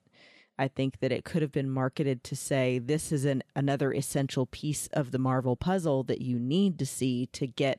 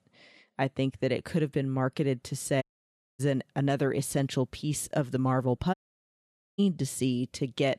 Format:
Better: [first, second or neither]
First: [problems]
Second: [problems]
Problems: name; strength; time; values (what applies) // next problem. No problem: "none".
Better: first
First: none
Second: audio cutting out; at 2.5 s for 0.5 s and at 5.5 s for 1 s